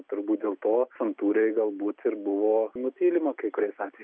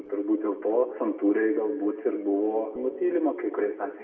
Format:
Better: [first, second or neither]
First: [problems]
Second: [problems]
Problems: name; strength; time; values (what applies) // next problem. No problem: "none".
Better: first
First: none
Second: room echo; dies away in 1.4 s